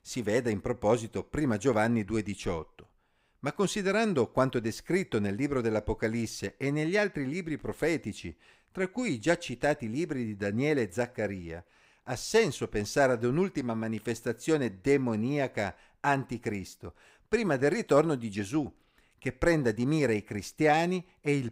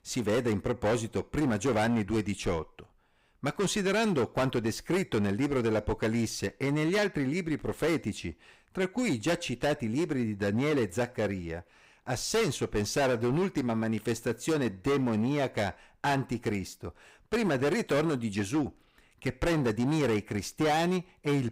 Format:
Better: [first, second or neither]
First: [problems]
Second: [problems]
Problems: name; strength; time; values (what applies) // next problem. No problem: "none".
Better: first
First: none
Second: distortion; heavy; 13% of the sound clipped